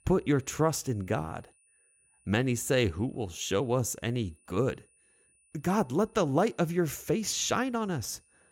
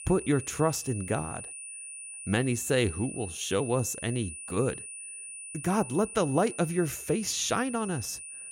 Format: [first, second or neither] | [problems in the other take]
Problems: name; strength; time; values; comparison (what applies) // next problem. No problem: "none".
first | high-pitched whine; loud; throughout; 9.5 kHz, 10 dB below the speech; faint in the first